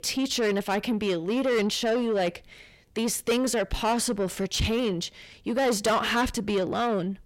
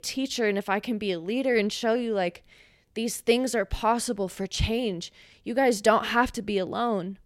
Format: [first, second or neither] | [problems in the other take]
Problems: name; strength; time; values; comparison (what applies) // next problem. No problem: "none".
second | distortion; heavy; 8 dB below the speech